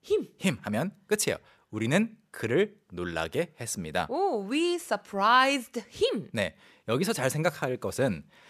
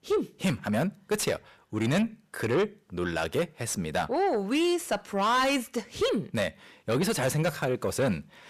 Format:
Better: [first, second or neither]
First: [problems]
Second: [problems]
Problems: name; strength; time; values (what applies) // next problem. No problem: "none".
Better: first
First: none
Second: distortion; heavy; 8 dB below the speech